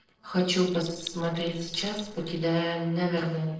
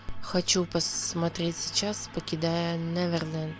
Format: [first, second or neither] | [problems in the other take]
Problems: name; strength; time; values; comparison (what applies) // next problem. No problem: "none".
second | noise reduction (neural separator model SepFormer DNS4)